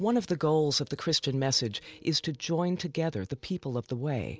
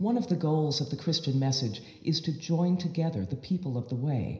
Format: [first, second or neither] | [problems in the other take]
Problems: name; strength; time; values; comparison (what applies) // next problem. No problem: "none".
first | room echo; dies away in 0.9 s